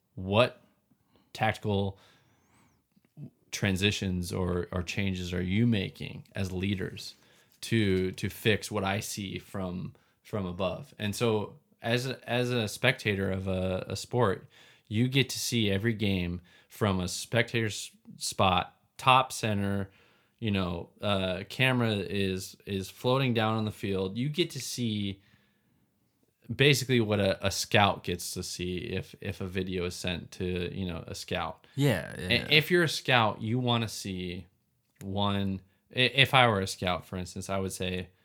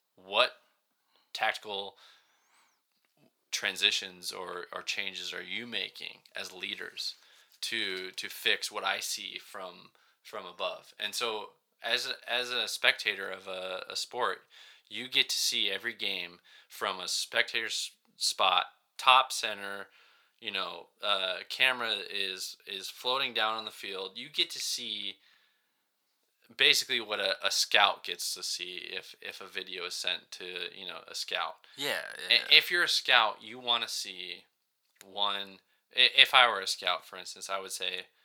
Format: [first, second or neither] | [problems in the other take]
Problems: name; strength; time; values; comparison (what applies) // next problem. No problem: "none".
first | thin; very; fading below 700 Hz